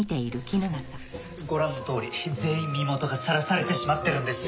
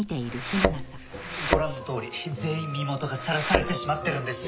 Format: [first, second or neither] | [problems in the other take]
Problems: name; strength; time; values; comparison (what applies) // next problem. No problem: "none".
first | background sound (Thump, thud); 1 dB above the speech